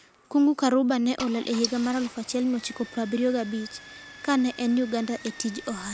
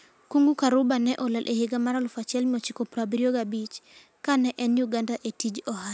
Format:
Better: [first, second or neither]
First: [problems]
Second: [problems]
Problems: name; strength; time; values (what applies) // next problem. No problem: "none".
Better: second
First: background sound (Engine starting / Car); 16 dB below the speech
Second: none